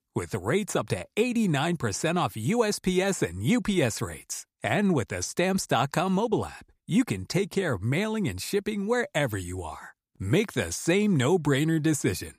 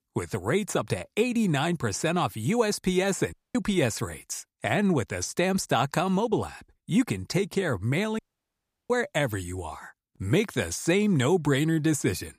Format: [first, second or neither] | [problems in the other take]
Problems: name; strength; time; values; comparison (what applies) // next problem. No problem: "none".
first | audio cutting out; at 3.5 s and at 8 s for 0.5 s